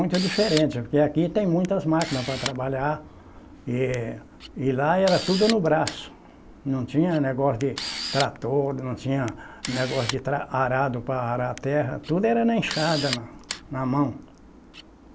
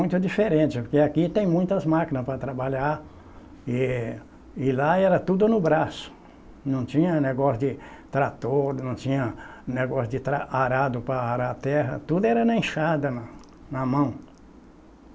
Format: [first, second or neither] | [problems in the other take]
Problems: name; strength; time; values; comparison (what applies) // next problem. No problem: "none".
second | background sound (Camera); 13 dB below the speech